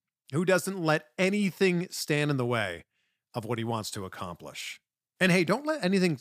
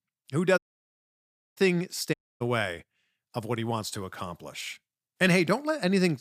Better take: first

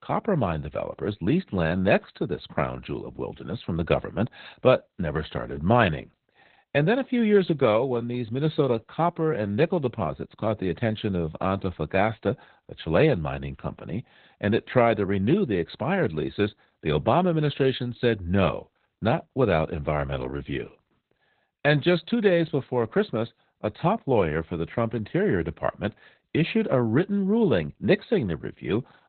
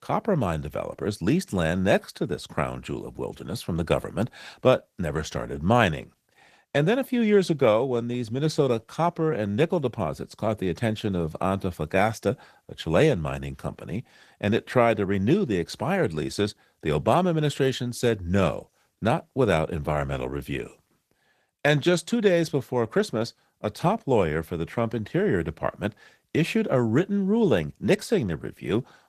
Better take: second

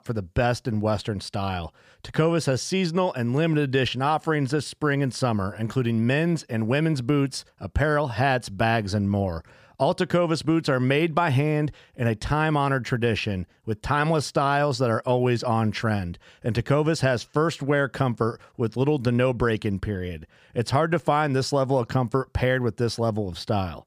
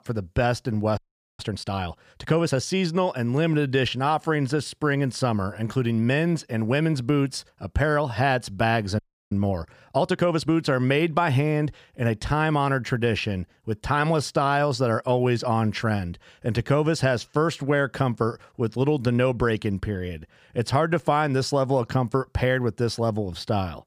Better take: first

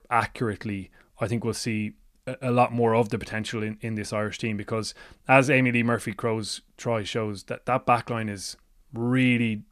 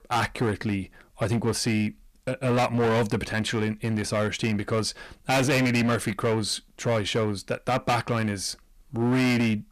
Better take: first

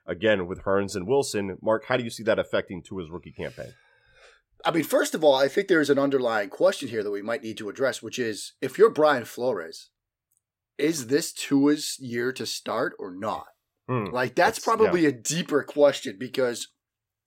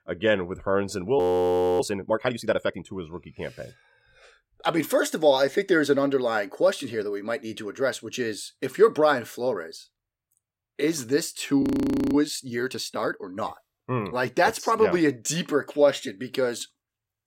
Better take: first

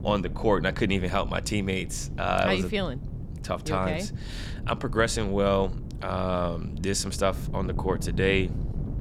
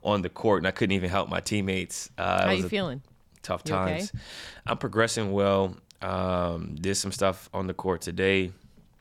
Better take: second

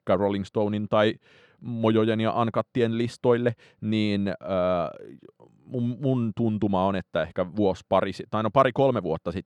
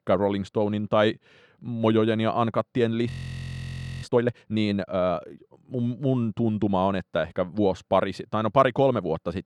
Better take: first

